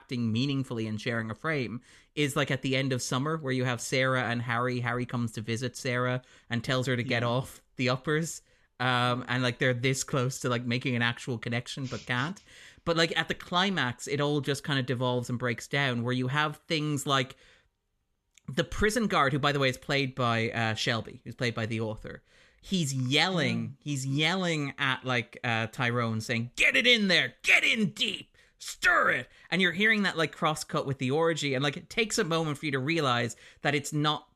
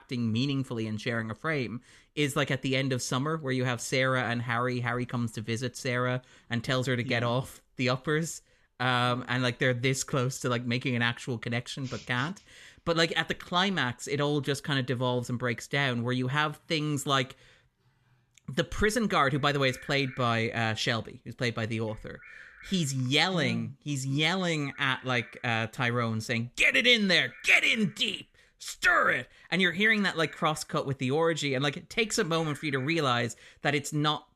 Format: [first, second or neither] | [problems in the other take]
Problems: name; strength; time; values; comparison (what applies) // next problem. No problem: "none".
first | animal sounds; faint; throughout; 25 dB below the speech